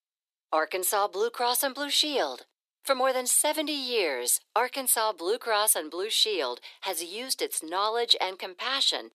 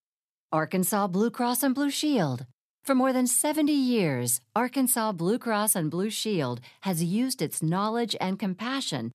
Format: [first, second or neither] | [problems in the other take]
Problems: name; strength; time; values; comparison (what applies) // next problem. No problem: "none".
second | thin; very; fading below 350 Hz